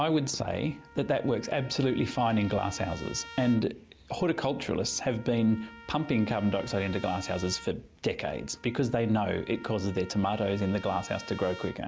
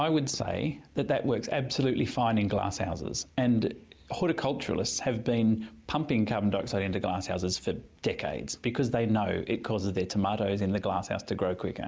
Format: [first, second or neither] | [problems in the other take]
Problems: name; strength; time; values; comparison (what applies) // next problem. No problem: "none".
second | background sound (Trumpet); 19 dB below the speech